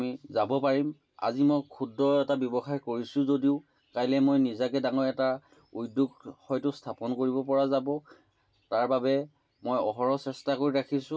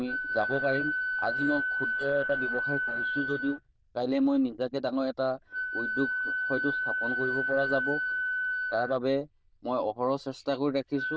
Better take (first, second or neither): first